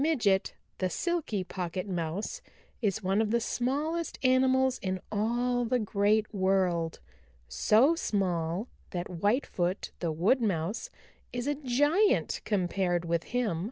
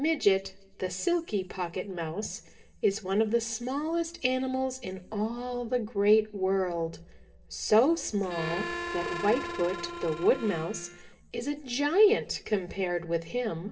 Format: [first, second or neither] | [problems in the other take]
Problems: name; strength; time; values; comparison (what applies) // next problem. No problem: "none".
first | background sound (Harmonica); 8 dB below the speech // room echo; dies away in 0.7 s